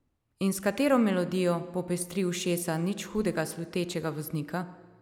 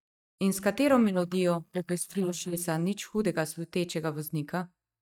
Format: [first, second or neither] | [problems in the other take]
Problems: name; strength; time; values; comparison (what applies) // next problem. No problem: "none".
first | noise reduction (neural mask model DeepFilterNet 3)